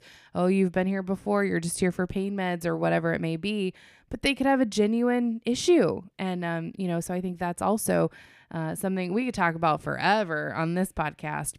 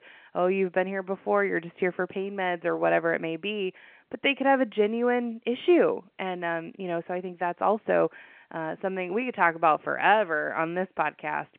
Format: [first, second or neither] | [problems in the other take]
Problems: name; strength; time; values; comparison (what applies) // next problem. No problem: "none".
first | phone-call audio; nothing above 3 kHz